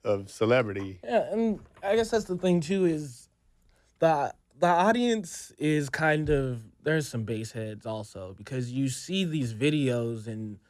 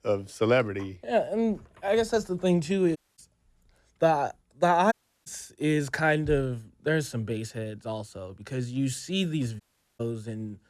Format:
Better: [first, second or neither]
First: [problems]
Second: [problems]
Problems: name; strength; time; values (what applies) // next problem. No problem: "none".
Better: first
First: none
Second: audio cutting out; at 3 s, at 5 s and at 9.5 s